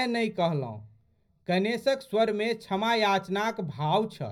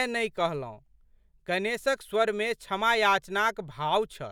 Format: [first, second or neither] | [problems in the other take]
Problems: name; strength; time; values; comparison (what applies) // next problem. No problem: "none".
second | room echo; dies away in 0.4 s